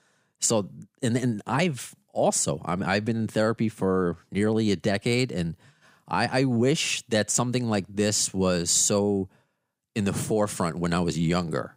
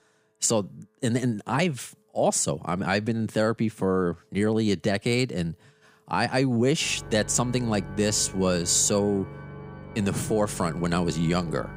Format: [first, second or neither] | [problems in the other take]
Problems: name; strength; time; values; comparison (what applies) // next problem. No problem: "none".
first | background music; noticeable; throughout; 15 dB below the speech